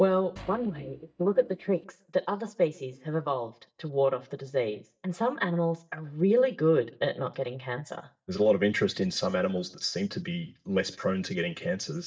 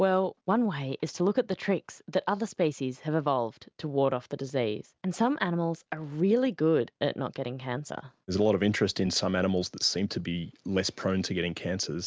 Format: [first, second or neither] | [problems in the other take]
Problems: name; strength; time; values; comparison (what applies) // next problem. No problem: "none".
second | noise reduction (neural mask model DeepFilterNet 3)